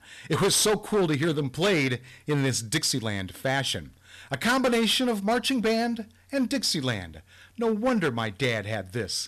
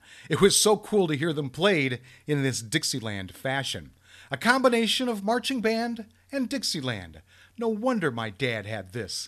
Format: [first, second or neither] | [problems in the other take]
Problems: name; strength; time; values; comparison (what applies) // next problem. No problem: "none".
second | distortion; heavy; 9% of the sound clipped